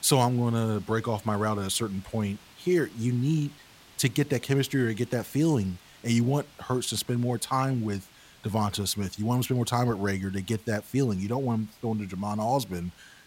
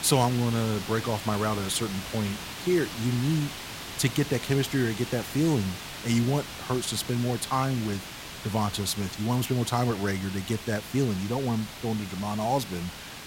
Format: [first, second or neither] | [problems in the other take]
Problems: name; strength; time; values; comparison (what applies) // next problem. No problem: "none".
first | hiss; loud; throughout; 9 dB below the speech; faint in the first